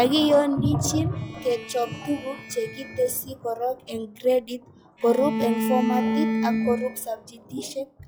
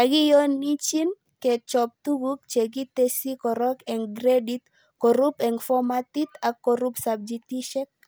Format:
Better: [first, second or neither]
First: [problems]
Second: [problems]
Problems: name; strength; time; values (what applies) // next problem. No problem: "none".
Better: second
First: noise reduction (classical method log-MMSE)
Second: none